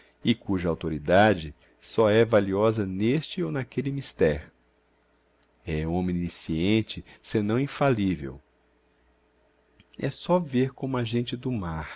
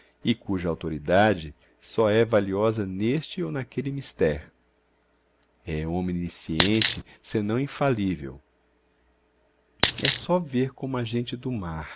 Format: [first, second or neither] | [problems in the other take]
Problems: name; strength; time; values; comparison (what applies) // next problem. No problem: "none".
first | background sound (Coin (dropping)); 1 dB above the speech